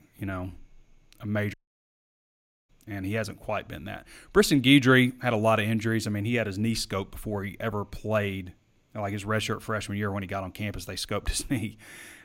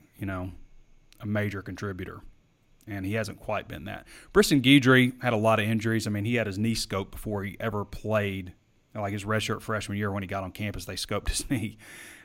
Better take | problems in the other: second | audio cutting out; at 1.5 s for 1 s

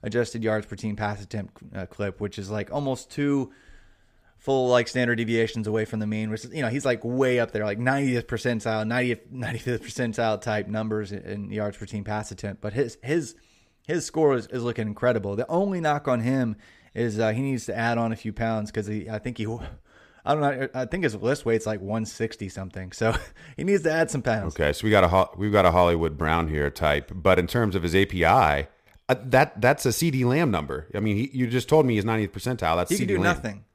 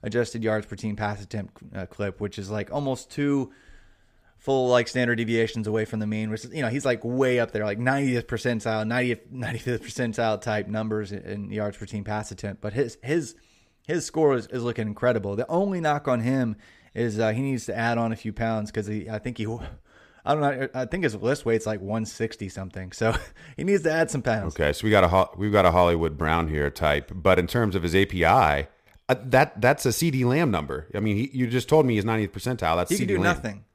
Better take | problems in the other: neither | none

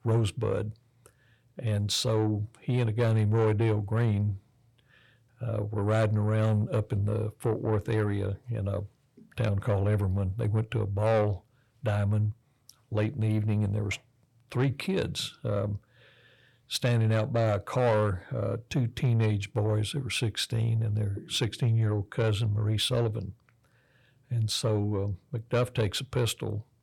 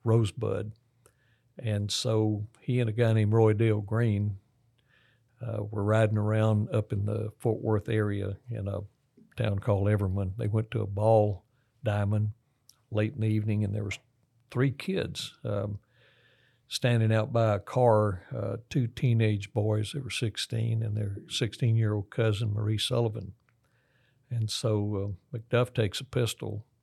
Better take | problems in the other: second | distortion; slight; 10 dB below the speech

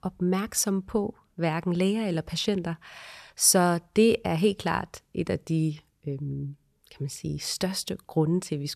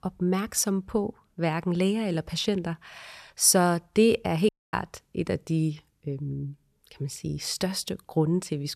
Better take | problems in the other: first | audio cutting out; at 4.5 s

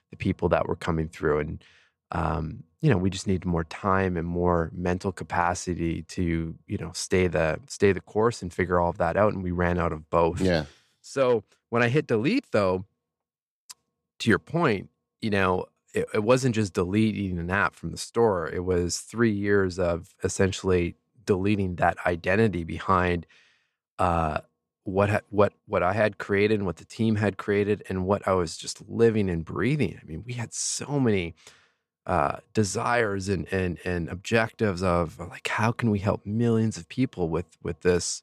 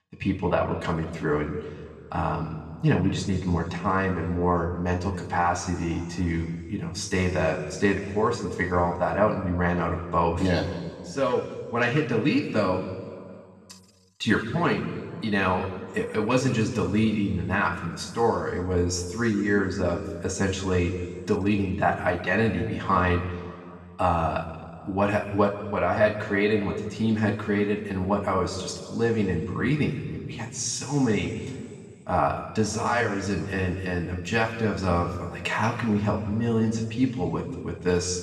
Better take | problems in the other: first | room echo; noticeable; dies away in 1.9 s // off-mic speech; somewhat distant

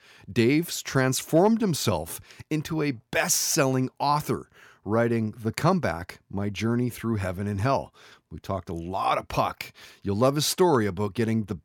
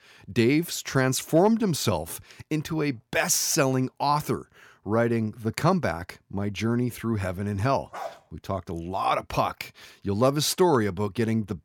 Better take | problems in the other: first | dog barking; faint; at 8 s; peak 15 dB below the speech

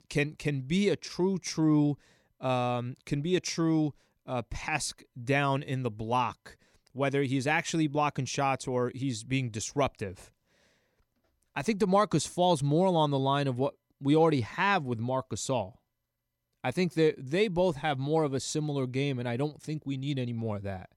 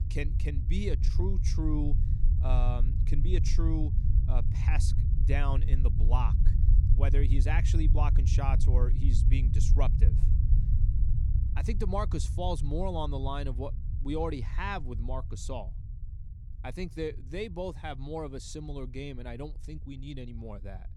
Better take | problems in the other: first | low rumble; loud; throughout; 8 dB below the speech

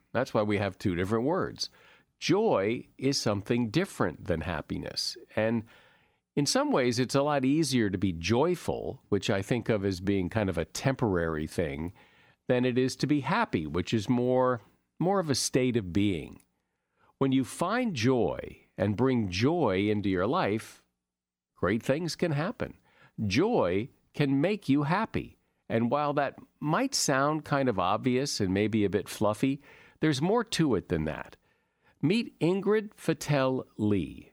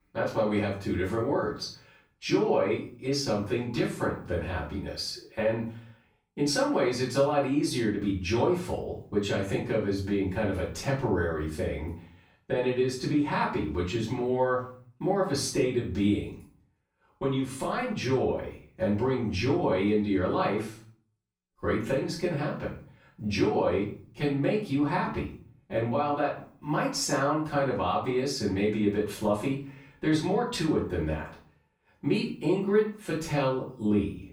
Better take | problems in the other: first | off-mic speech; far // room echo; slight; dies away in 0.4 s

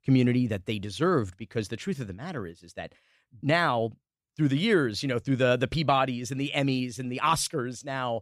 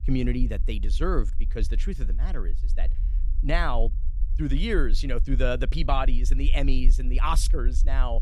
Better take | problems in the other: first | low rumble; faint; throughout; 20 dB below the speech

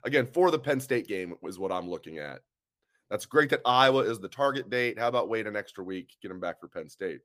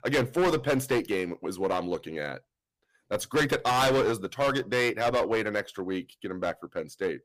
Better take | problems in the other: first | distortion; heavy; 11% of the sound clipped

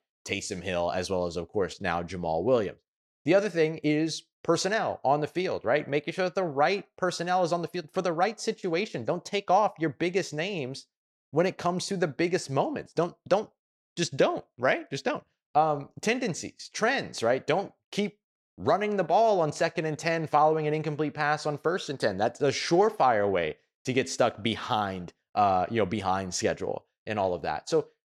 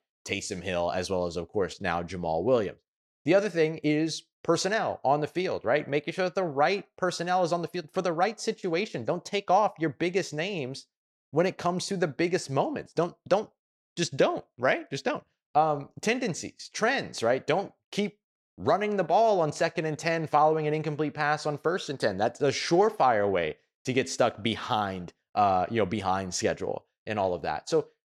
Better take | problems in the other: neither | none

